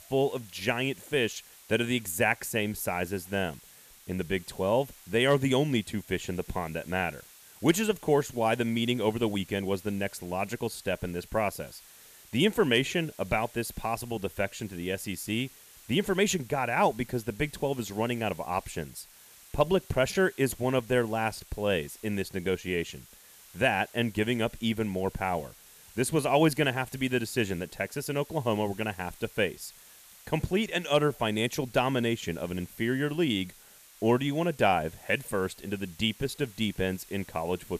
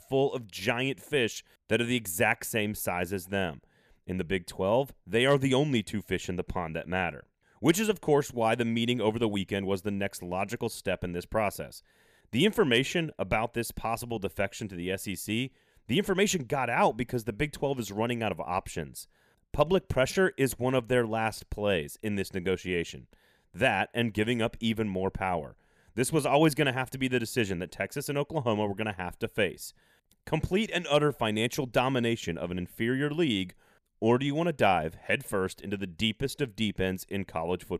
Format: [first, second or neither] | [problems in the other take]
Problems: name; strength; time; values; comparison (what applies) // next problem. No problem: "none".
second | hiss; faint; throughout; 20 dB below the speech